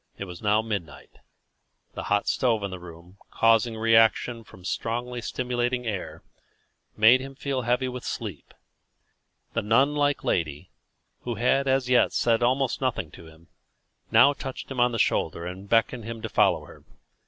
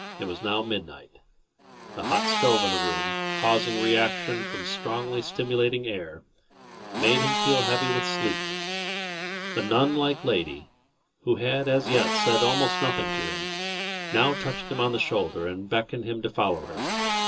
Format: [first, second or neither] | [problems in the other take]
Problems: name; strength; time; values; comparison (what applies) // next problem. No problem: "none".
first | background sound (Motorcycle); 3 dB below the speech // room echo; dies away in 0.2 s